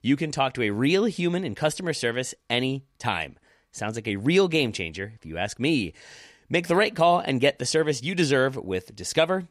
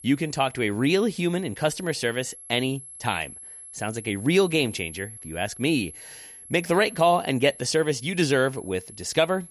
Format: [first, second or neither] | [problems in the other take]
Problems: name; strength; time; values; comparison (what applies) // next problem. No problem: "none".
first | high-pitched whine; noticeable; throughout; 11 kHz, 15 dB below the speech